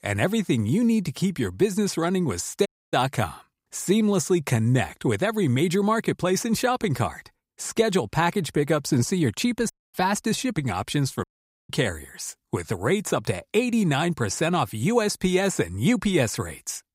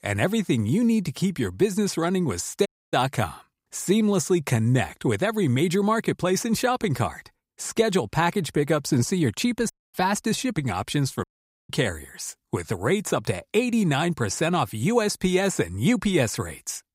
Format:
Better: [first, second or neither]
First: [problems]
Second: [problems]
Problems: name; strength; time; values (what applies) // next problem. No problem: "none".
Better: neither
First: audio cutting out; at 2.5 s, at 9.5 s and at 11 s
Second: audio cutting out; at 2.5 s, at 9.5 s and at 11 s